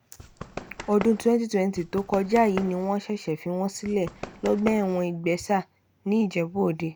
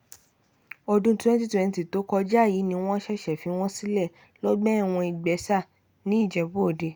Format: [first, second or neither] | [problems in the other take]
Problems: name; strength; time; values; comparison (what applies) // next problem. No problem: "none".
second | background sound (Run); 13 dB below the speech